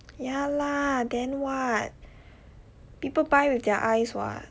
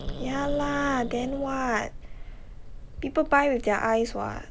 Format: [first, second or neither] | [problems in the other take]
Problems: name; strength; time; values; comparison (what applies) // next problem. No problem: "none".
first | background sound (Growling); 9 dB below the speech